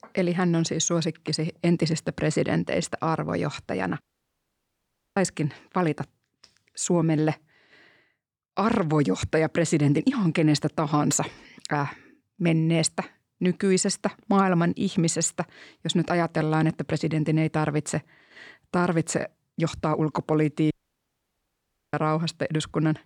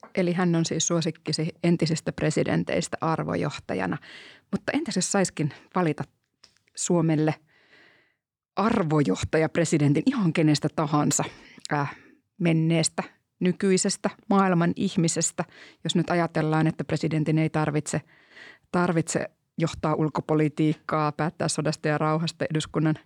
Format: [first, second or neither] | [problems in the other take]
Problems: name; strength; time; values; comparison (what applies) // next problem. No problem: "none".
second | audio cutting out; at 4 s for 1 s and at 21 s for 1 s